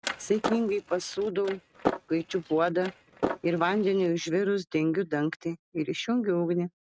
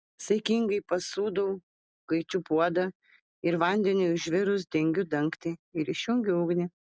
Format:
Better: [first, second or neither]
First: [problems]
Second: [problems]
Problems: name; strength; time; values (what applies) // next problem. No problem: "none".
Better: second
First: noise reduction (neural mask model RNNoise)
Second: none